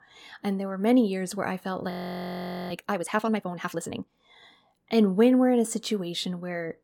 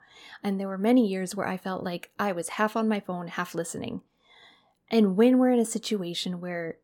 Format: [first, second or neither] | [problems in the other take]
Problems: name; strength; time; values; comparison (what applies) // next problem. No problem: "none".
second | audio freezing; at 2 s for 1 s